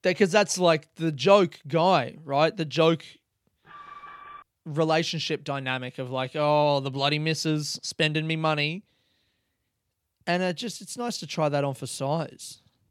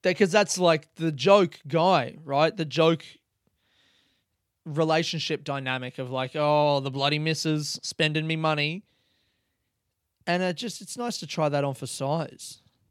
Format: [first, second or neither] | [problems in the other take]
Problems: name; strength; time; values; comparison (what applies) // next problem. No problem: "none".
second | alarm; faint; at 3.5 s; peak 20 dB below the speech